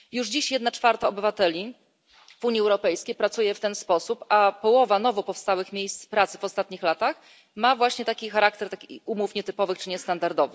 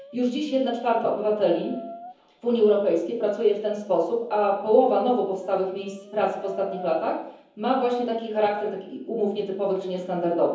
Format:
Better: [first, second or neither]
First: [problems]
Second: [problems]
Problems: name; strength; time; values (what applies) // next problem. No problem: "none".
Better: first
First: none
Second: background sound (Brass instrument); 20 dB below the speech // room echo; dies away in 0.7 s